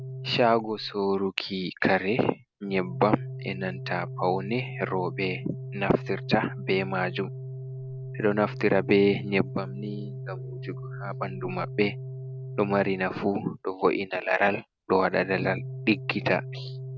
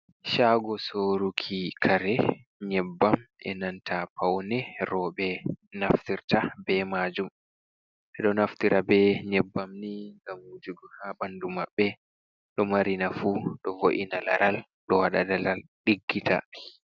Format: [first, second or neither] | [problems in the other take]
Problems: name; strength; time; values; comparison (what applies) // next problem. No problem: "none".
second | background sound (Organ); 10 dB below the speech